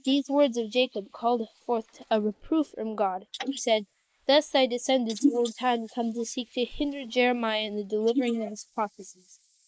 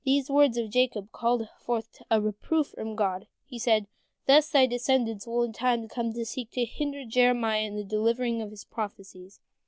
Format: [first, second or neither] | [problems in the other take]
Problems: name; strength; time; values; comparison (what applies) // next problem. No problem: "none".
second | noise reduction (neural mask model Resemble Enhance denoiser)